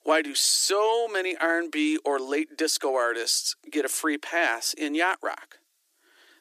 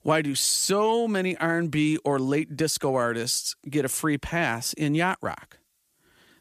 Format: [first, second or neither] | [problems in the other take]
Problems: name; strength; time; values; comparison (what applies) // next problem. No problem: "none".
second | thin; somewhat; fading below 300 Hz